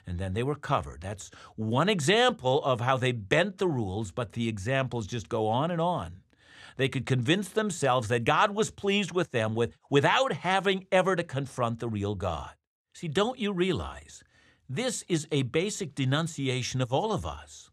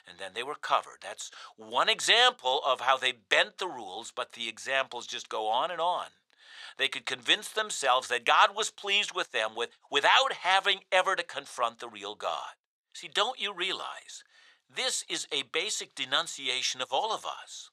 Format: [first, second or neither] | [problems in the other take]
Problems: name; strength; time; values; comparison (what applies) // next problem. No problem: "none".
first | thin; very; fading below 850 Hz